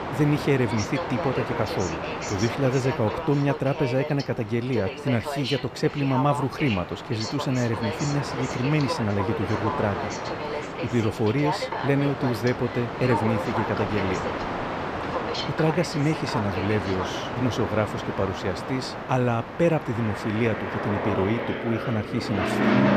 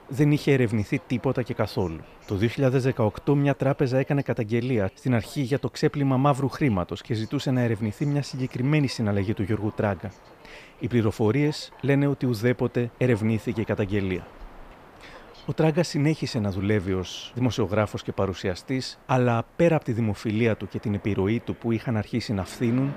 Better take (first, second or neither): second